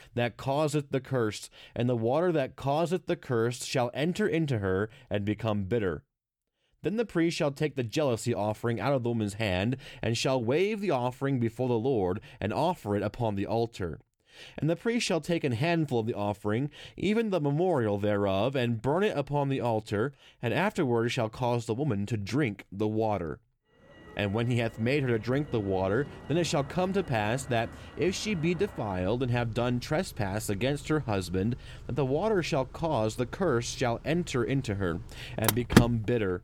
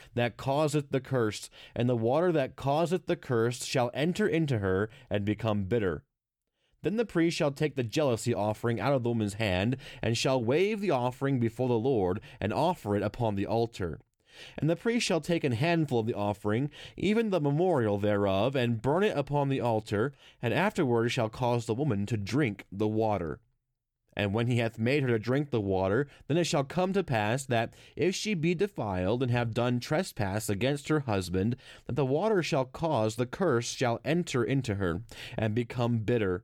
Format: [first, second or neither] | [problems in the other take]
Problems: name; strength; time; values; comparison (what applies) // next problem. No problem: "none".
second | traffic noise; loud; from 24 s on; 4 dB below the speech